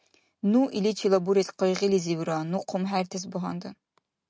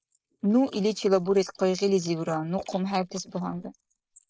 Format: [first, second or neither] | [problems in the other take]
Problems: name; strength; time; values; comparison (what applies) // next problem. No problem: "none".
first | noise reduction (neural mask model Resemble Enhance denoiser)